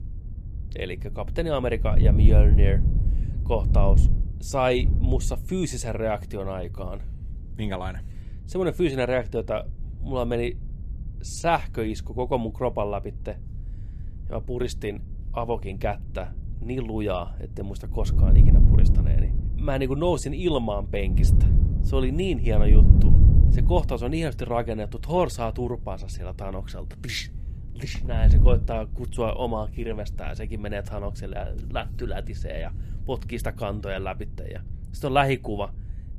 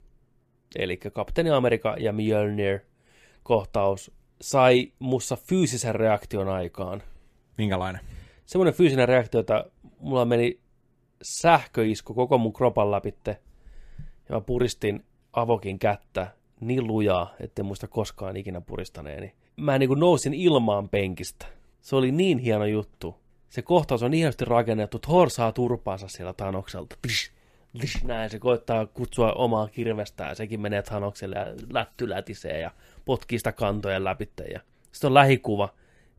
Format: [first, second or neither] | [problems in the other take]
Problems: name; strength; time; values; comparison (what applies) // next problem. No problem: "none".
second | wind noise on the microphone; occasional gusts; 10 dB below the speech